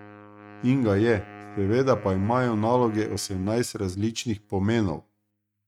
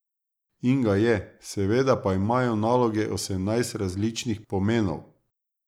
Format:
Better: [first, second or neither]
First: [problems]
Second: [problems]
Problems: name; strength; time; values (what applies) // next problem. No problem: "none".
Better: second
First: noise reduction (neural mask model RNNoise)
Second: none